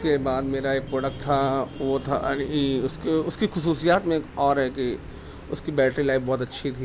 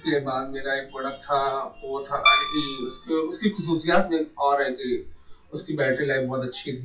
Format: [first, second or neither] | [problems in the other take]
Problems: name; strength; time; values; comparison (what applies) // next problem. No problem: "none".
first | noise reduction (classical method WPE with log-MMSE)